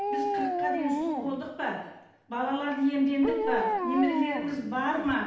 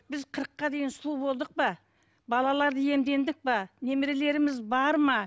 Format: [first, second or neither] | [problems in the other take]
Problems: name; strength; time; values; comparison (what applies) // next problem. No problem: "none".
second | background sound (Dog); 2 dB below the speech // room echo; dies away in 0.8 s